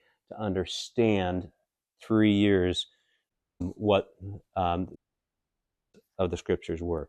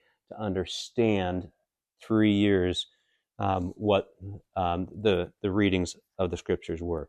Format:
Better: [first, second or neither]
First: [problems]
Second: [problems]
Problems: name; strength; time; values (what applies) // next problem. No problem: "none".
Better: second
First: audio cutting out; at 3.5 s and at 5 s for 1 s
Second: none